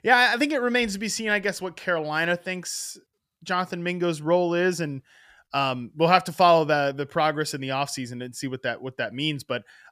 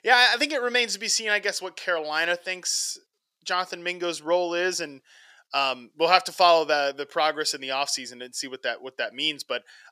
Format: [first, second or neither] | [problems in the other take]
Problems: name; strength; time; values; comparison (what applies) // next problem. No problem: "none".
first | thin; somewhat; fading below 450 Hz